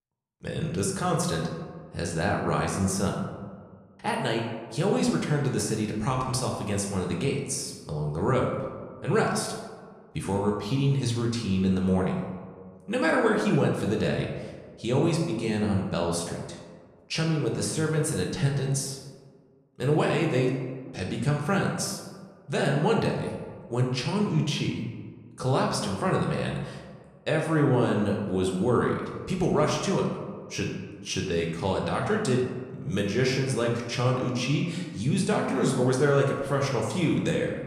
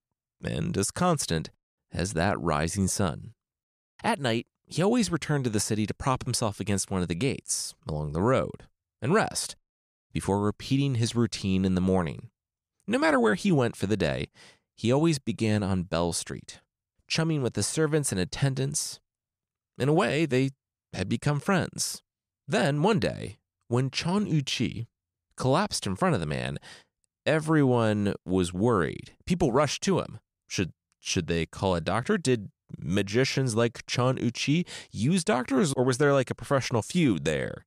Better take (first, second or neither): second